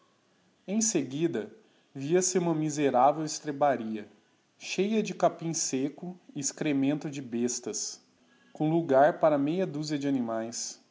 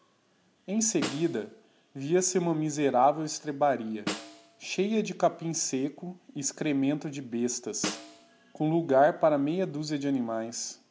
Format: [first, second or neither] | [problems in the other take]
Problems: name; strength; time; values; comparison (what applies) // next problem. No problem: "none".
first | background sound (Snare drum); 14 dB below the speech